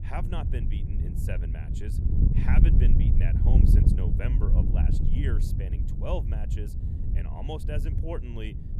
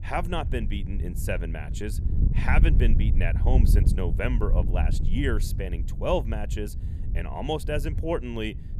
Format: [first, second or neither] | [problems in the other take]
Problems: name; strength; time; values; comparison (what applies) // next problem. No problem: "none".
second | wind noise on the microphone; heavy; as loud as the speech; occasional gusts in the second